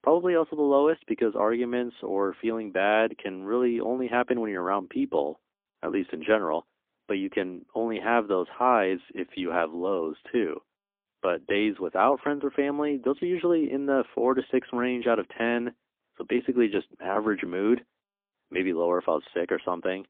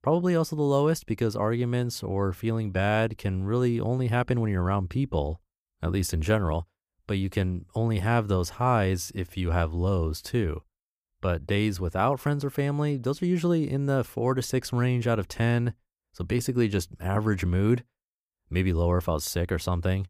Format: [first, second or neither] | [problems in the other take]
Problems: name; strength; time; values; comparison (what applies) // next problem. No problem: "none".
second | phone-call audio; poor line; nothing above 3.5 kHz